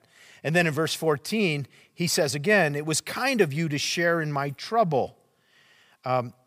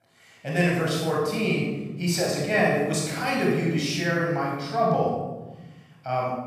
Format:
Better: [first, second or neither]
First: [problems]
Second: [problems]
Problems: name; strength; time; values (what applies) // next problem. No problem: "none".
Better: first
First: none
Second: off-mic speech; far // room echo; strong; dies away in 1.3 s